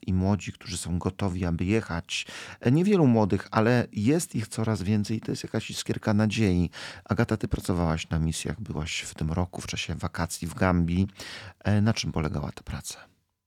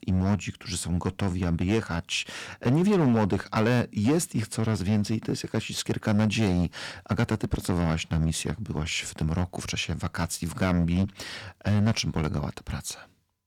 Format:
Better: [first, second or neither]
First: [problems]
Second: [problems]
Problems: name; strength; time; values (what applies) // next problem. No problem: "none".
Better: first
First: none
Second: distortion; slight; 5% of the sound clipped